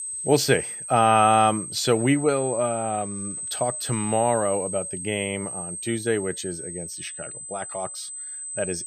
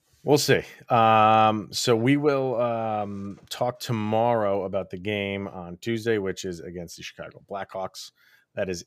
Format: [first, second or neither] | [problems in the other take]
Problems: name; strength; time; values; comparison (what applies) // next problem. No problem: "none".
second | high-pitched whine; loud; throughout; 8.5 kHz, 7 dB below the speech